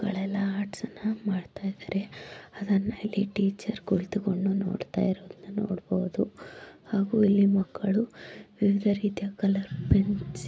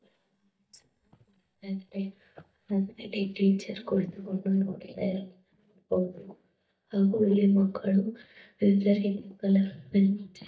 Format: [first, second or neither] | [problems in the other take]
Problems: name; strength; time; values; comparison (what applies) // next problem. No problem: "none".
first | noise reduction (neural mask model DeepFilterNet 3)